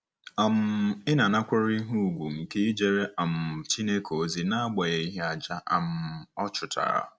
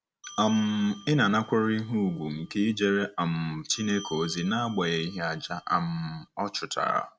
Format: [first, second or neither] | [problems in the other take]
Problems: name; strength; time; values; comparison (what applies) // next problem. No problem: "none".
first | background sound (Bell); 19 dB below the speech